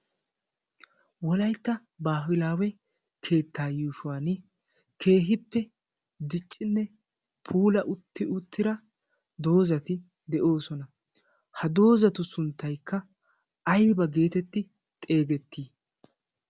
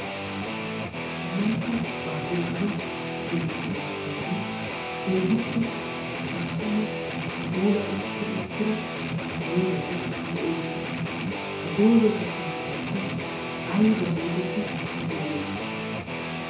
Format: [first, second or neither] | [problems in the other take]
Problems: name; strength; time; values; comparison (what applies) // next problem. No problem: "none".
first | background sound (Guitar); 2 dB below the speech // room echo; dies away in 2 s